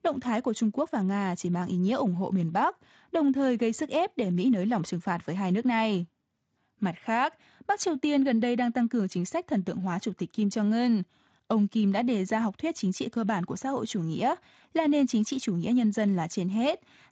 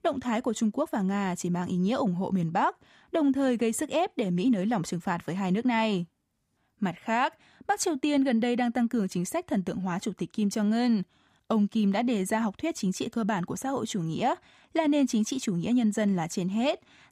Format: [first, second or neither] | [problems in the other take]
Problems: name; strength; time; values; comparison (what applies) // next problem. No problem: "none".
second | garbled, watery; slightly; nothing above 7.5 kHz